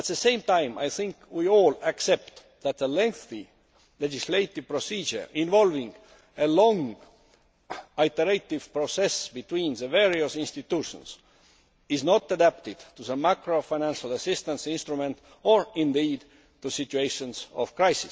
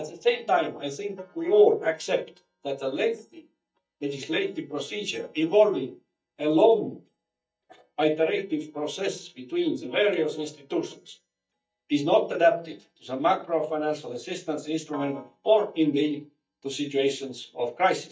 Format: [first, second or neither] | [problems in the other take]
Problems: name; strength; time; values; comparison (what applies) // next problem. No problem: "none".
first | noise reduction (neural mask model DeepFilterNet 3)